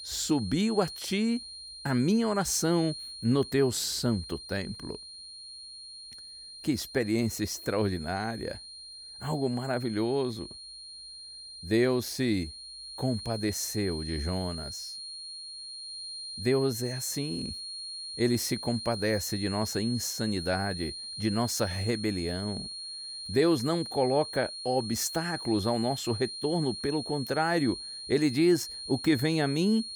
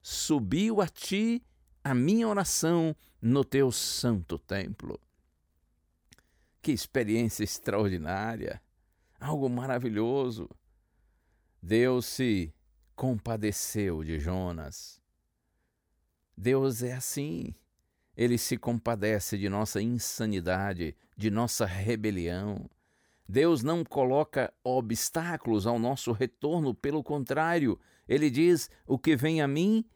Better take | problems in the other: second | high-pitched whine; loud; throughout; 4 kHz, 9 dB below the speech

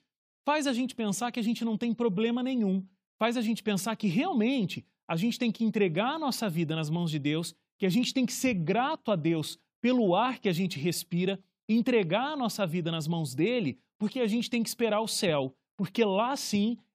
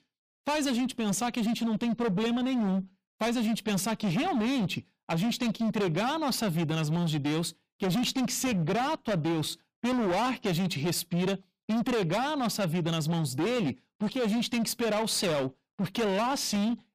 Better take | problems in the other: first | distortion; heavy; 28% of the sound clipped

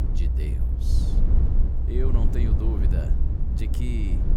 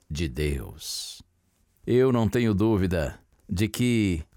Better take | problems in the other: second | low rumble; loud; throughout; 1 dB below the speech

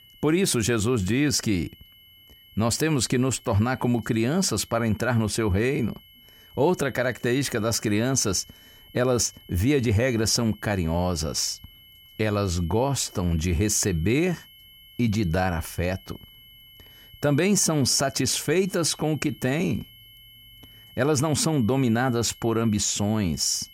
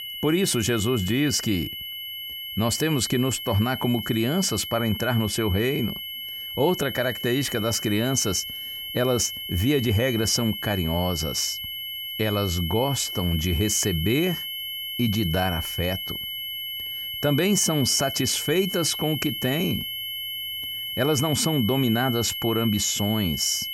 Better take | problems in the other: first | high-pitched whine; loud; throughout; 3 kHz, 6 dB below the speech; faint in the first

